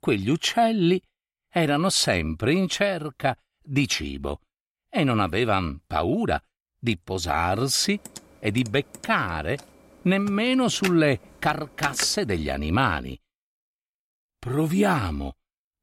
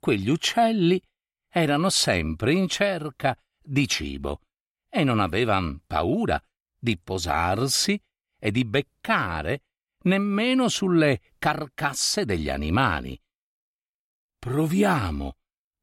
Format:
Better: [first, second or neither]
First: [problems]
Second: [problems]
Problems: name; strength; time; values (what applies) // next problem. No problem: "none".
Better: second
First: keyboard typing; noticeable; from 8 to 12 s; peak 7 dB below the speech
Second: none